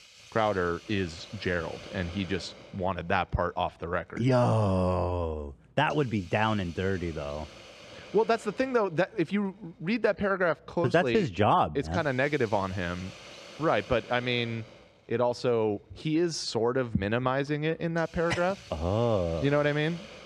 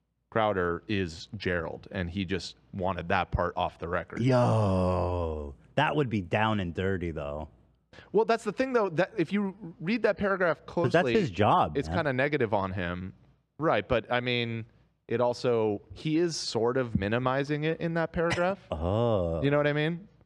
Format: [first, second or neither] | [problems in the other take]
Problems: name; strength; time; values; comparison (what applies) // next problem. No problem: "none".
second | hiss; noticeable; throughout; 20 dB below the speech